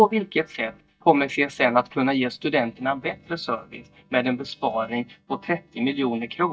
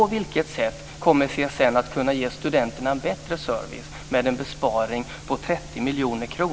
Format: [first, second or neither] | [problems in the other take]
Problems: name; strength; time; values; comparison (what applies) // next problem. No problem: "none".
second | noise reduction (neural mask model DeepFilterNet 3)